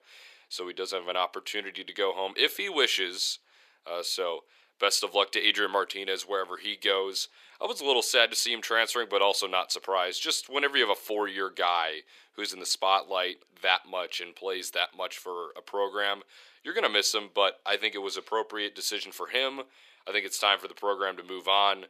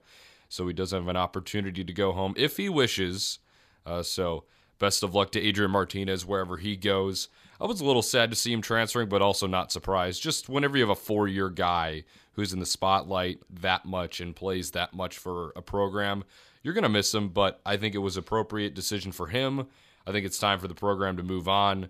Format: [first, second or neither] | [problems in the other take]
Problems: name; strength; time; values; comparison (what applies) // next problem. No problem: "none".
second | thin; very; fading below 350 Hz